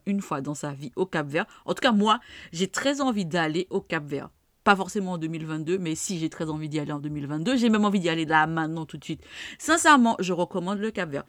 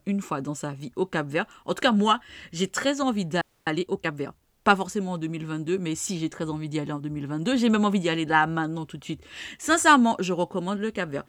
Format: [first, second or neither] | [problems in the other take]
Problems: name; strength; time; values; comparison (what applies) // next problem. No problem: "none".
first | audio freezing; at 3.5 s